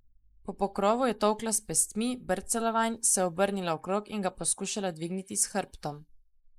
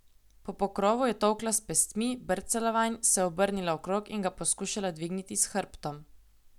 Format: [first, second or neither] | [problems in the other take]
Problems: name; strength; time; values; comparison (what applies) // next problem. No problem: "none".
second | noise reduction (neural mask model Resemble Enhance denoiser)